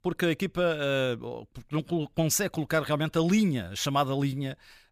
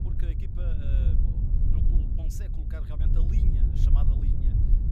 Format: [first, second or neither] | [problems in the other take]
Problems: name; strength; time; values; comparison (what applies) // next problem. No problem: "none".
first | wind noise on the microphone; heavy; 4 dB above the speech